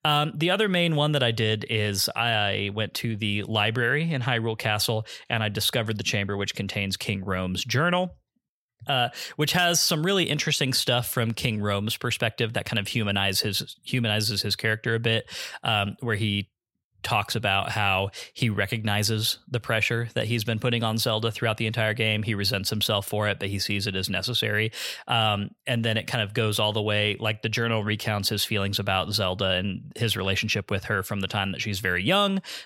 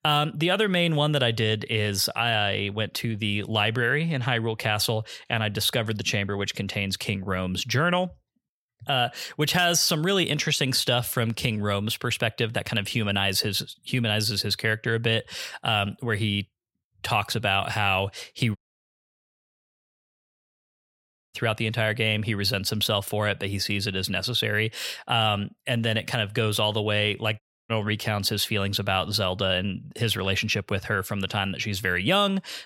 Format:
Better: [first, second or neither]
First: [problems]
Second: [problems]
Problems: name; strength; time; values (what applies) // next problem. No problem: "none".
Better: first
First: none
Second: audio cutting out; at 19 s for 3 s and at 27 s